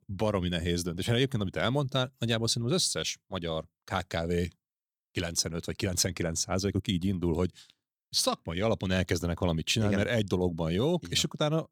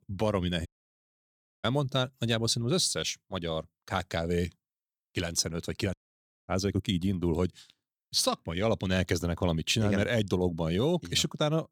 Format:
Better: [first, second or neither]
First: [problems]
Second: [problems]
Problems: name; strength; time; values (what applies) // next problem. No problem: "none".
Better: first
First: none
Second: audio cutting out; at 0.5 s for 1 s and at 6 s for 0.5 s